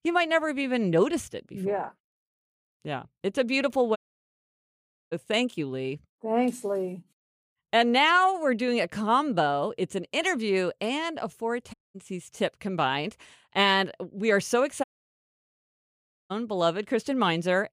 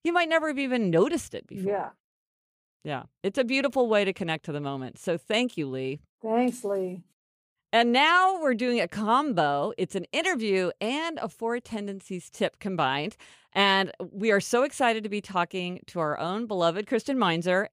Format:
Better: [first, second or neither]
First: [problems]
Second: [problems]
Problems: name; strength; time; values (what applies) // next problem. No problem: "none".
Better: second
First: audio cutting out; at 4 s for 1 s, at 12 s and at 15 s for 1.5 s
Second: none